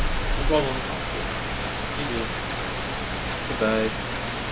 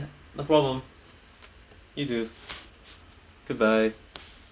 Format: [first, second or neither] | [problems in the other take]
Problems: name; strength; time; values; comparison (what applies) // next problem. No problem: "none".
second | background sound (Rain); 4 dB above the speech